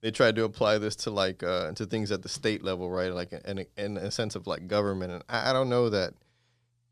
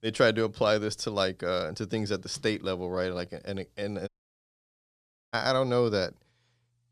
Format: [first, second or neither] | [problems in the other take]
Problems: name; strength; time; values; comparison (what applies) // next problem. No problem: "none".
first | audio cutting out; at 4 s for 1 s